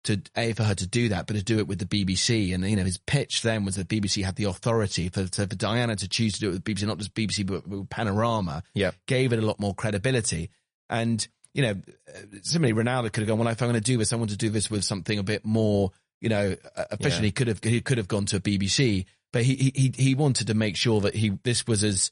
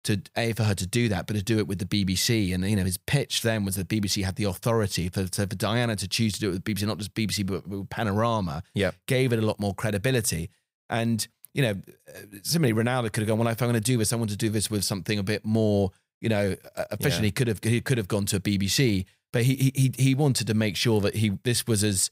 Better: second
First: garbled, watery; slightly; nothing above 10.5 kHz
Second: none

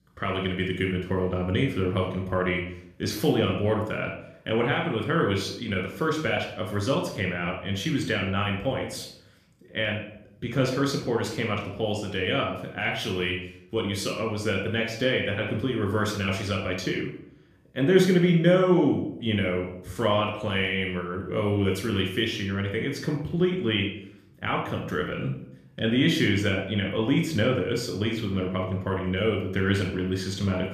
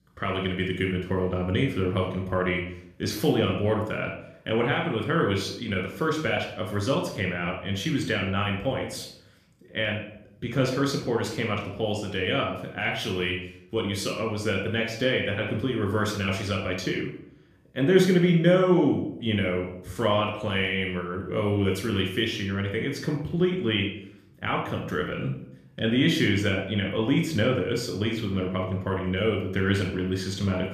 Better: neither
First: off-mic speech; somewhat distant // room echo; noticeable; dies away in 0.5 s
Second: off-mic speech; somewhat distant // room echo; noticeable; dies away in 0.5 s

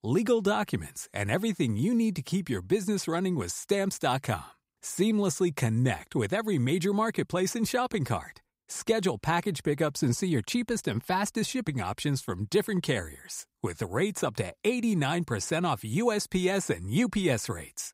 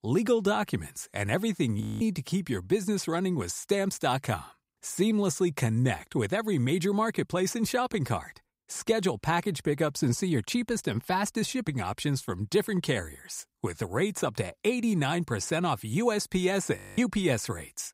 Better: first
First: none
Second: audio freezing; at 2 s and at 17 s

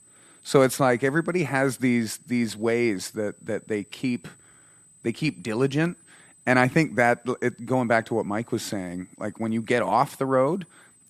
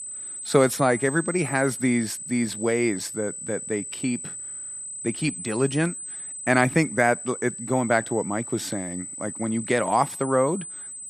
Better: first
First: high-pitched whine; faint; throughout; 8 kHz, 30 dB below the speech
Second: high-pitched whine; loud; throughout; 8 kHz, 8 dB below the speech

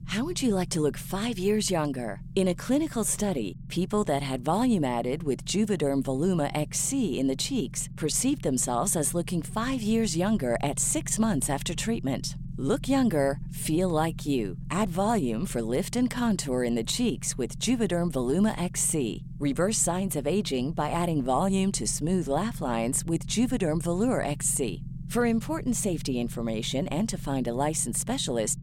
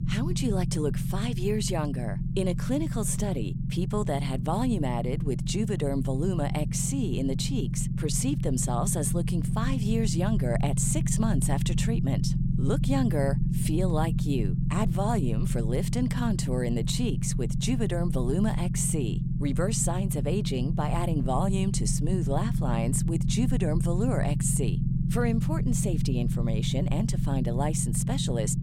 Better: first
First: low rumble; faint; throughout; 20 dB below the speech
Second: low rumble; loud; throughout; 7 dB below the speech

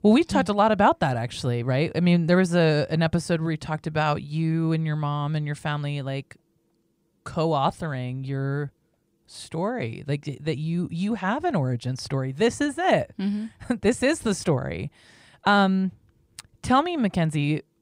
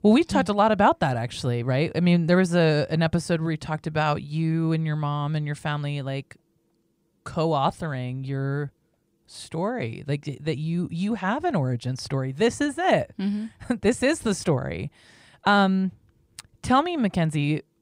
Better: neither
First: none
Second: none

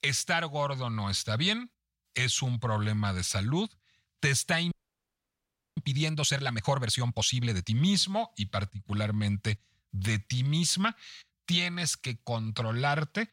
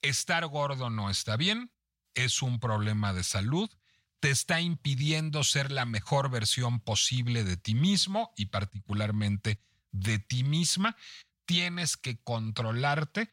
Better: second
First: audio freezing; at 4.5 s for 1 s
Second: none

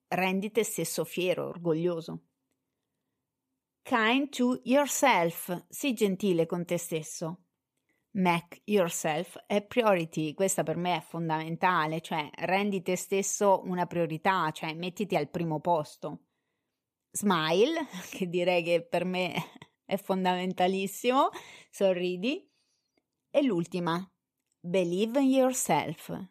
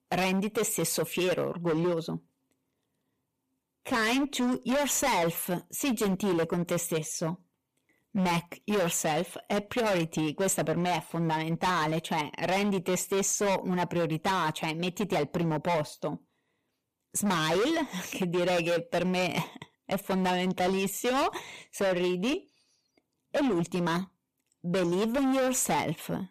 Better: first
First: none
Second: distortion; heavy; 19% of the sound clipped

